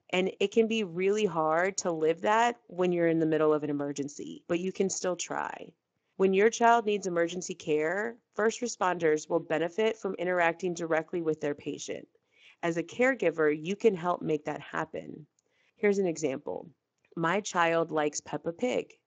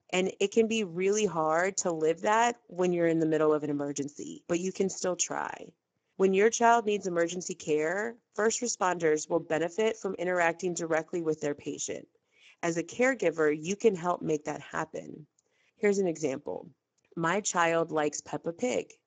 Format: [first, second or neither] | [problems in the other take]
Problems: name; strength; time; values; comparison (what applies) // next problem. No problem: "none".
first | garbled, watery; badly; nothing above 7.5 kHz; slightly in the first